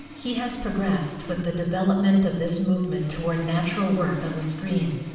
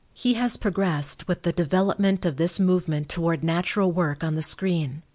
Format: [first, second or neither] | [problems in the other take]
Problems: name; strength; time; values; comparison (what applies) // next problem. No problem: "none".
second | background sound (Sawing); 16 dB below the speech // room echo; dies away in 1.2 s